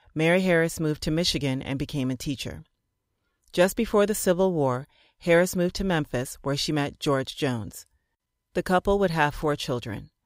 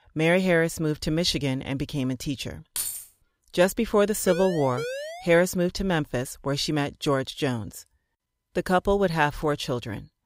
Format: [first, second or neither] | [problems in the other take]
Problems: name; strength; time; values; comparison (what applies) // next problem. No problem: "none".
first | jangling keys; noticeable; at 3 s; peak 4 dB below the speech // siren; noticeable; from 4.5 to 5.5 s; peak 7 dB below the speech